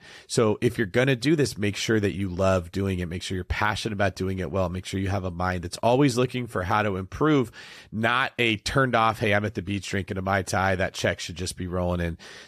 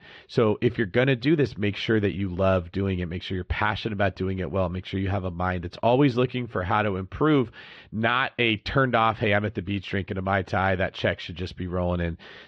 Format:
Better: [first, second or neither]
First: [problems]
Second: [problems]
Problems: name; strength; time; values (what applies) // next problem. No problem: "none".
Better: first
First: none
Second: muffled; slightly; fading above 3.5 kHz